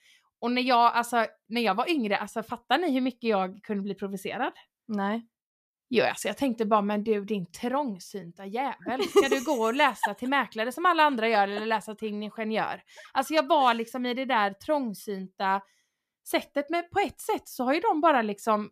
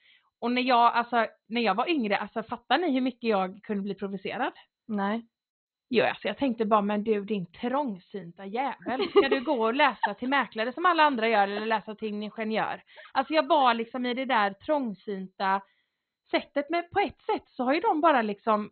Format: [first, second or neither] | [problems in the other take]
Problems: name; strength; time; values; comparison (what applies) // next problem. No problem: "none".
first | garbled, watery; badly; nothing above 4 kHz